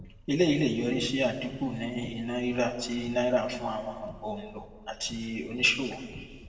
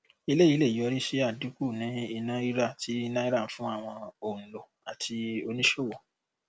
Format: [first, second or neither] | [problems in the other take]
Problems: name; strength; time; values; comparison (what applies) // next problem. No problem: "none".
second | background sound (Car); 19 dB below the speech // room echo; dies away in 1.3 s